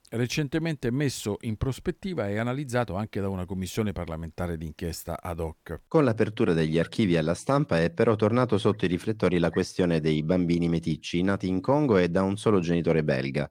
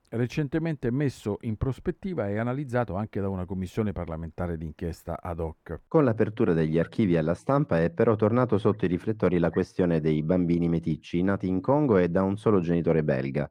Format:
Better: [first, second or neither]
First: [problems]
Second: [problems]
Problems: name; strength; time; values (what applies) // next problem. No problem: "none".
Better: first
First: none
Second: muffled; slightly; fading above 2.5 kHz